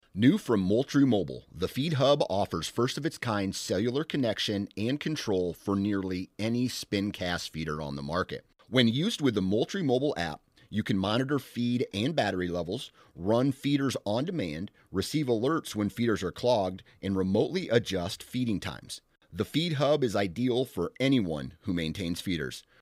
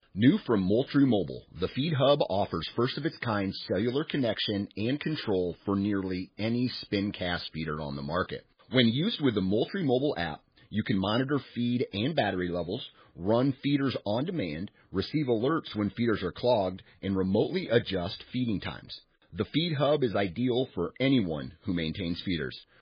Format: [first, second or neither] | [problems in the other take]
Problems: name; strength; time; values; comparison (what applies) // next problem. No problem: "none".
first | garbled, watery; badly